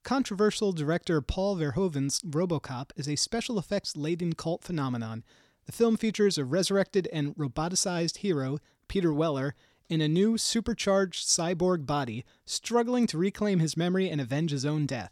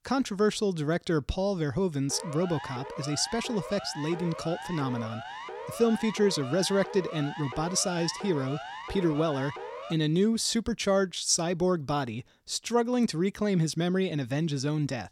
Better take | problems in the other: first | siren; faint; from 2 to 10 s; peak 10 dB below the speech

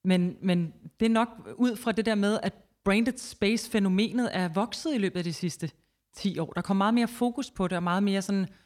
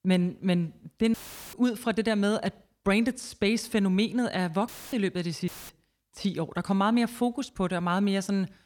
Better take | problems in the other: first | audio cutting out; filled with static; at 1 s, at 4.5 s and at 5.5 s

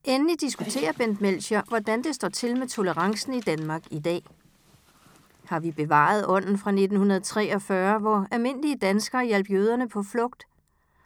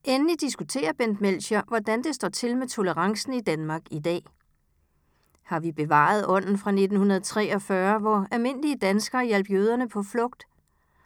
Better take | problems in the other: second | dog barking; faint; from 0.5 to 5.5 s; peak 10 dB below the speech

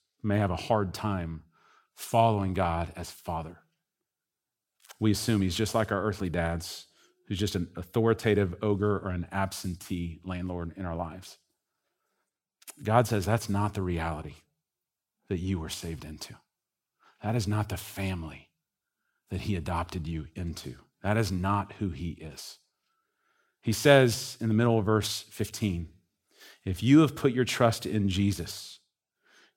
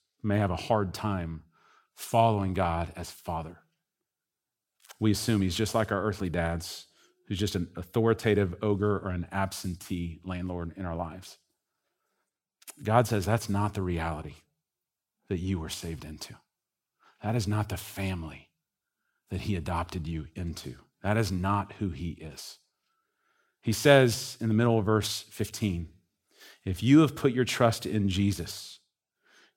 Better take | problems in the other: neither | none

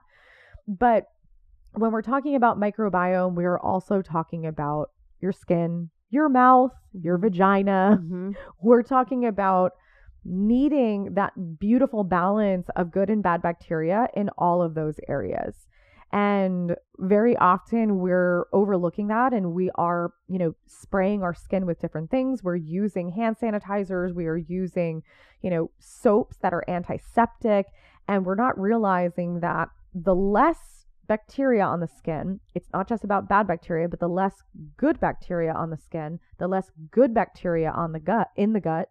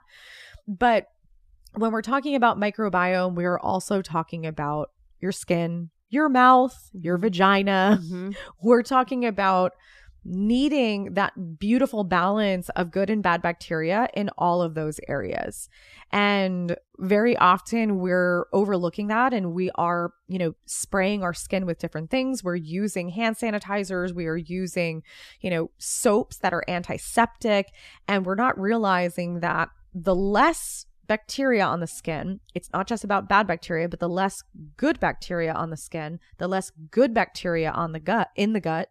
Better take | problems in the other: second | muffled; very; fading above 2.5 kHz

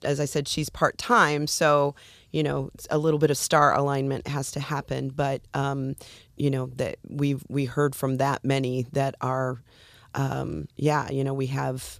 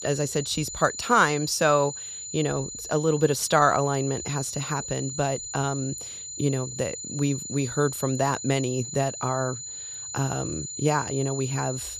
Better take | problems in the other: first | high-pitched whine; loud; throughout; 7 kHz, 8 dB below the speech

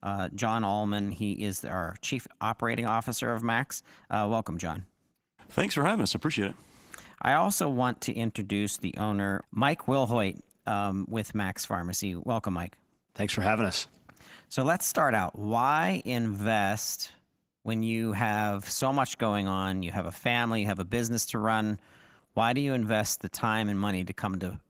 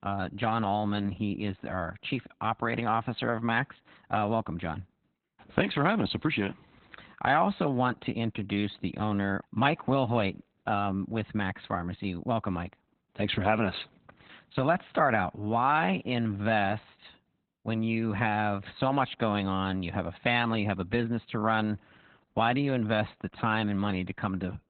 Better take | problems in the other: first | garbled, watery; badly; nothing above 4 kHz; slightly in the first

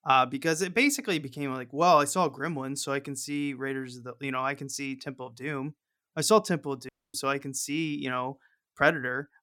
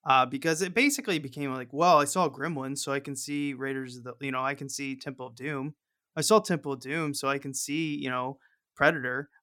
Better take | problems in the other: second | audio cutting out; at 7 s

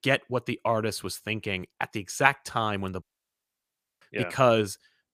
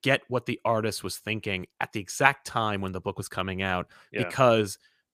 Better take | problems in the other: second | audio cutting out; at 3 s for 1 s

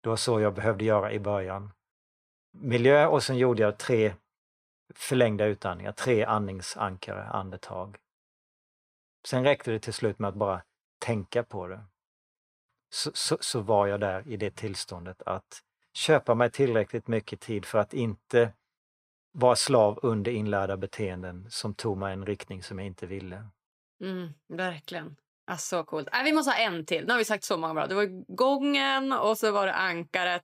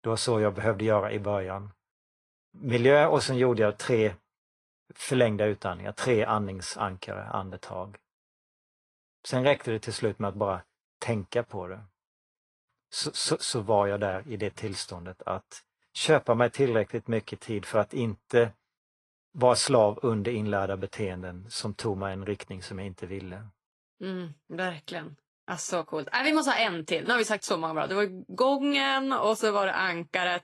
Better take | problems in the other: first | garbled, watery; slightly

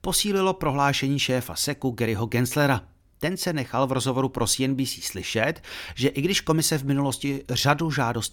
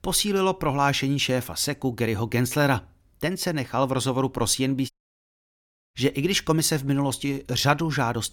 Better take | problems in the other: first | audio cutting out; at 5 s for 1 s

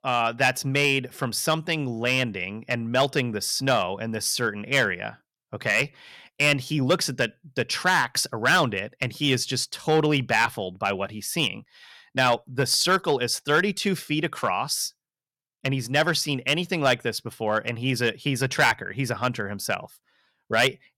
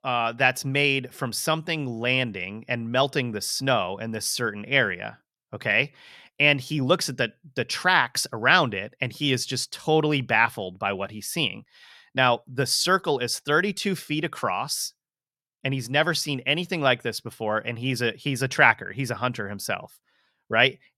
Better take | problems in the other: second | distortion; slight; 1.7% of the sound clipped

